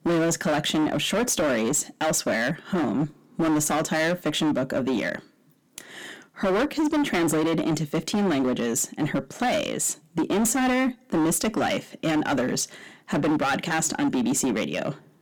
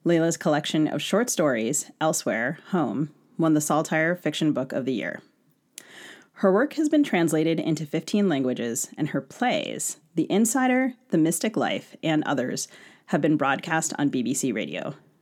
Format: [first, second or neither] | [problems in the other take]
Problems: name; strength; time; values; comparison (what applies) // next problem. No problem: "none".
second | distortion; heavy; 20% of the sound clipped